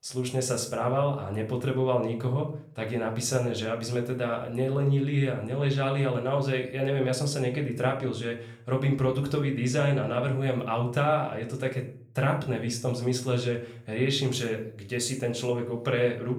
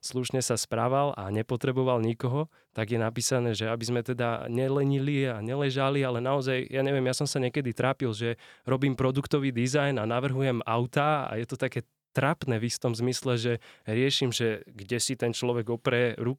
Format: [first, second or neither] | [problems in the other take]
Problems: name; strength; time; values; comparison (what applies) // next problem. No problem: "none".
second | room echo; slight; dies away in 0.5 s // off-mic speech; somewhat distant